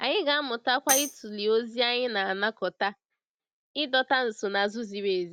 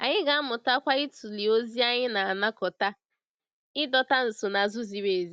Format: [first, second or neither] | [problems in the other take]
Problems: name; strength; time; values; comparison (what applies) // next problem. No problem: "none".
second | background sound (Tambourine); 6 dB below the speech